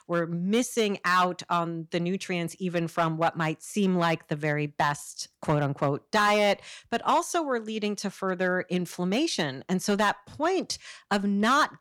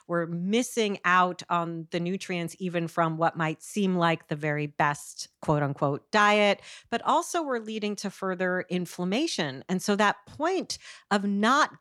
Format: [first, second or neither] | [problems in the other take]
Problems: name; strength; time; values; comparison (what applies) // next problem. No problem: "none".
second | distortion; slight; 2% of the sound clipped